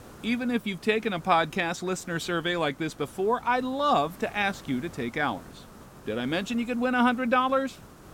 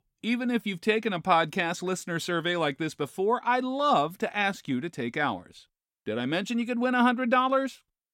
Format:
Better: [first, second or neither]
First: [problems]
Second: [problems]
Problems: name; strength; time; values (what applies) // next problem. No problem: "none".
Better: second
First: hiss; faint; throughout; 20 dB below the speech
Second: none